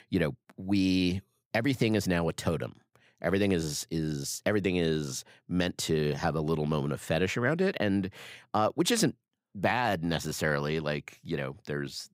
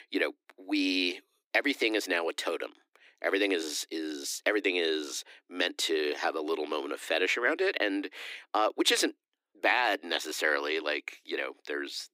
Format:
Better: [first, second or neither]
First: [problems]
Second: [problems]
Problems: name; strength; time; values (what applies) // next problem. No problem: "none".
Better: first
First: none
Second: thin; somewhat; fading below 300 Hz